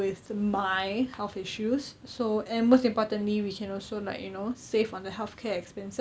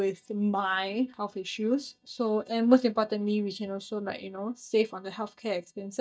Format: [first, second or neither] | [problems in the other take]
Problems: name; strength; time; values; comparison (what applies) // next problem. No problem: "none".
first | noise reduction (neural mask model DeepFilterNet 3)